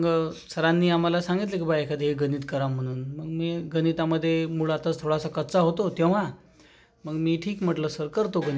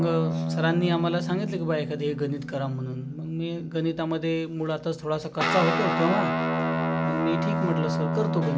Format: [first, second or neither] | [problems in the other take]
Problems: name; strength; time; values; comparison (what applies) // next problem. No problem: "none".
first | background sound (Guitar); as loud as the speech